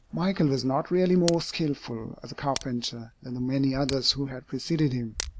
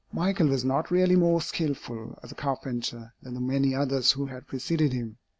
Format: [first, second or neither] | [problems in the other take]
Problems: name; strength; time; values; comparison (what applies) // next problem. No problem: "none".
second | background sound (Tick); 15 dB below the speech